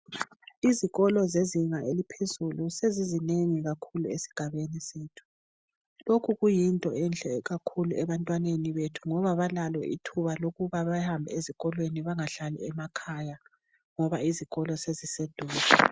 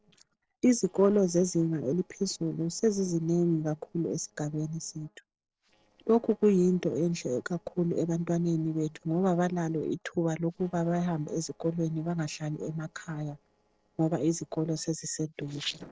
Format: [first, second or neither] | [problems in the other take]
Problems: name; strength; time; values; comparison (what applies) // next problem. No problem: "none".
first | noise reduction (neural separator model SepFormer DNS4)